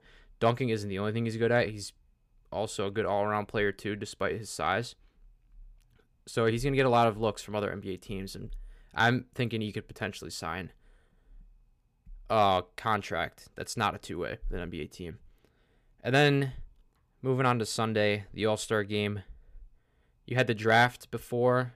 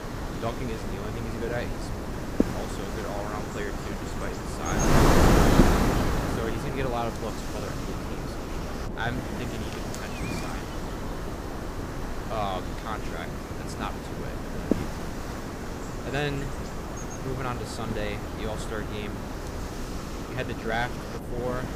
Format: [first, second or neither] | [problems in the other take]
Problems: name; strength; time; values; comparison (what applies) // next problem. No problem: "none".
first | wind noise on the microphone; heavy; 3 dB above the speech